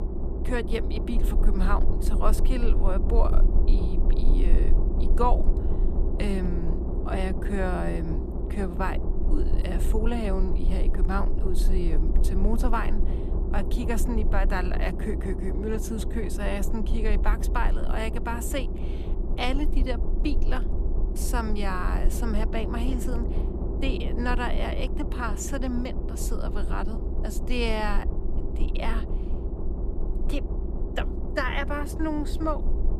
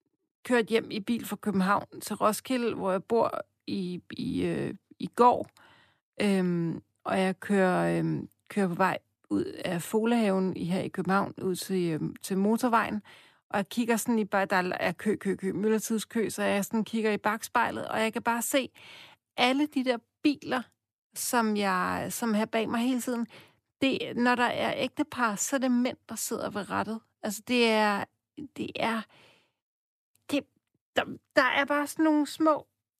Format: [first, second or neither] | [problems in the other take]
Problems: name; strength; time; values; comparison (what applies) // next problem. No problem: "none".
second | low rumble; loud; throughout; 7 dB below the speech